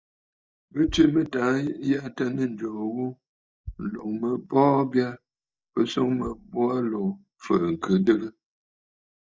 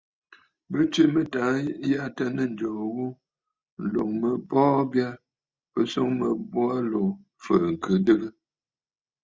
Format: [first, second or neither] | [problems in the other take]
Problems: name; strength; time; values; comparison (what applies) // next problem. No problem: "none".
second | noise reduction (neural mask model DeepFilterNet 3)